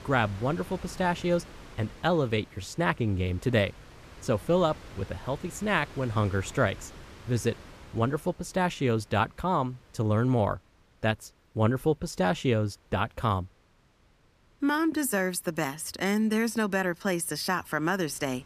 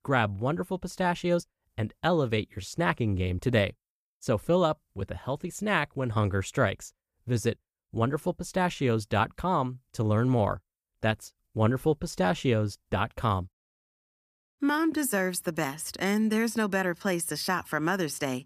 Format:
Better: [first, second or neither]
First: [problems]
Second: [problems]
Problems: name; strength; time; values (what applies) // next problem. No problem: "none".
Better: second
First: wind noise on the microphone; occasional gusts; 20 dB below the speech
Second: none